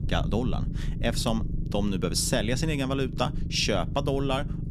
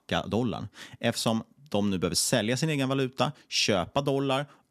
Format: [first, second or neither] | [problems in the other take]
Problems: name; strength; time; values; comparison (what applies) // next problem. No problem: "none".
second | low rumble; noticeable; throughout; 15 dB below the speech